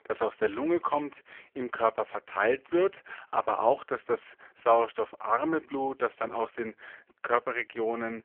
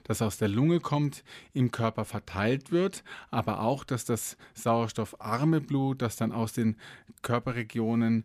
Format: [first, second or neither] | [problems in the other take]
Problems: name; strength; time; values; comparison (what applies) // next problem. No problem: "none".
second | phone-call audio; poor line